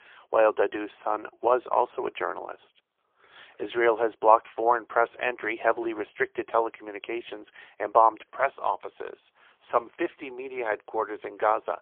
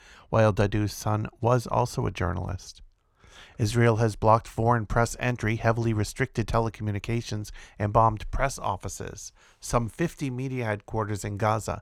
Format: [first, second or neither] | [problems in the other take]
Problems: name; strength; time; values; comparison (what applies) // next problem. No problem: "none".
second | phone-call audio; poor line; nothing above 3.5 kHz